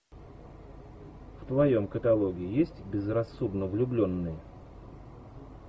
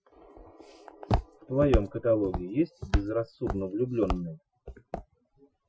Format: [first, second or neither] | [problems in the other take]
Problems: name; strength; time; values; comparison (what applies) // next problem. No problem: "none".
first | noise reduction (classical method Wiener filter)